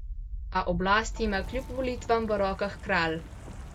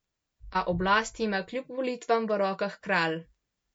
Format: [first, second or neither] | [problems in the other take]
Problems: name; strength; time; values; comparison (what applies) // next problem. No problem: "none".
second | background sound (Wind); 8 dB below the speech